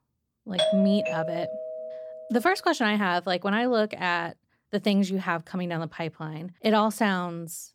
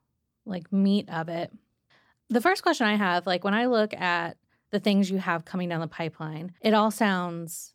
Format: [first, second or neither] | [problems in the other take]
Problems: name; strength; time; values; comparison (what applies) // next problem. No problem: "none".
second | doorbell; loud; from 0.5 to 2 s; peak 2 dB above the speech